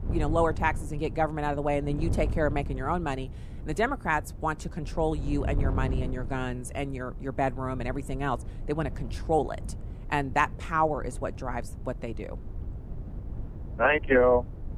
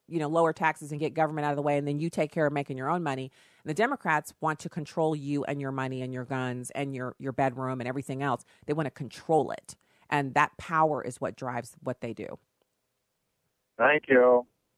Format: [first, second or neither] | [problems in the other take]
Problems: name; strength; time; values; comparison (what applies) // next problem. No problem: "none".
second | wind noise on the microphone; occasional gusts; 20 dB below the speech